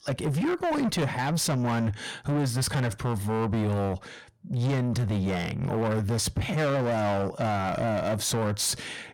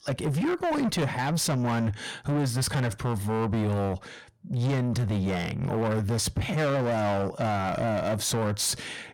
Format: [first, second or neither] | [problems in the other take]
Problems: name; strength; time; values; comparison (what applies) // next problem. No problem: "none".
neither | distortion; heavy; 7 dB below the speech; the same in both